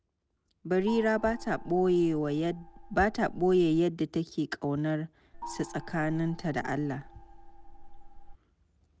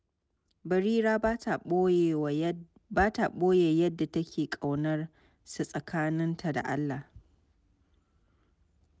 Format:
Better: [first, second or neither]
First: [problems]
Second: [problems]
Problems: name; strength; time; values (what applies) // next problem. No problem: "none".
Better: second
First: background sound (Gong); 14 dB below the speech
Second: none